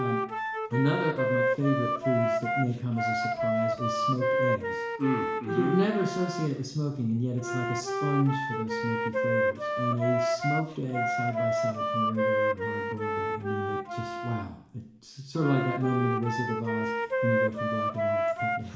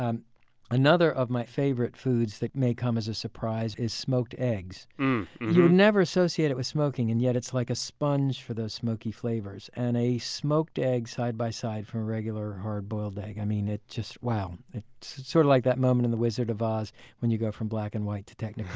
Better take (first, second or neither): second